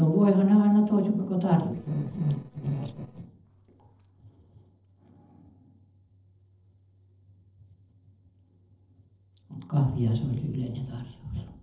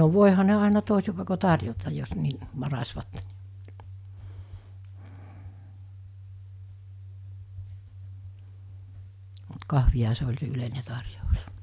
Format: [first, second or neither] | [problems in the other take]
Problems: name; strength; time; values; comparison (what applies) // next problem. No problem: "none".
second | noise reduction (neural separator model SepFormer DNS4)